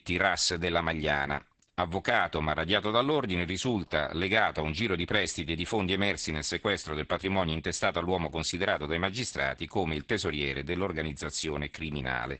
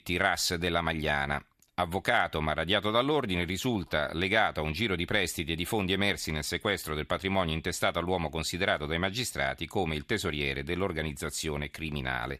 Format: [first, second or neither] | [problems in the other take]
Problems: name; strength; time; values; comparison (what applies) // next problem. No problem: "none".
second | garbled, watery; badly; nothing above 8 kHz